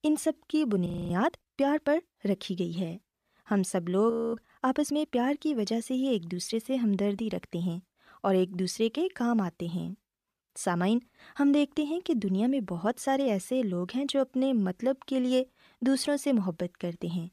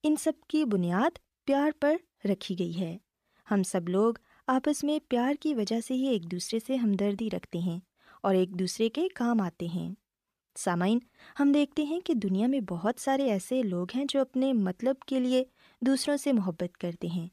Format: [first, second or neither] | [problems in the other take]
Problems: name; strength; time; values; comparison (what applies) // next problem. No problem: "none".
second | audio freezing; at 1 s and at 4 s